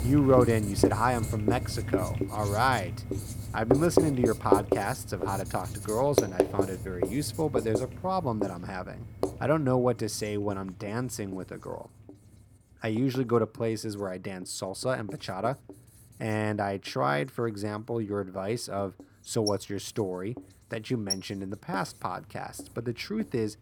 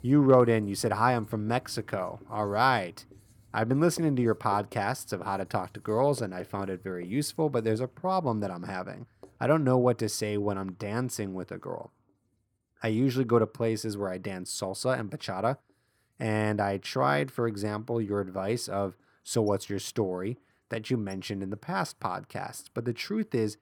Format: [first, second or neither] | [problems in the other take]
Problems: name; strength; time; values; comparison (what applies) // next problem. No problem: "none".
second | household noises; loud; throughout; 1 dB below the speech; faint in the second